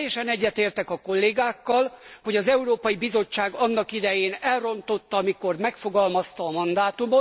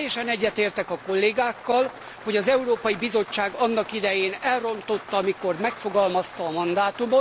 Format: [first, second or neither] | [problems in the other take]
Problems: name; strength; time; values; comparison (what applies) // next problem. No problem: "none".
first | background sound (Rain); 17 dB below the speech